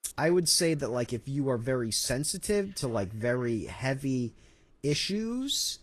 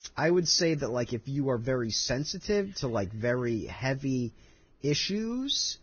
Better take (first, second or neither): first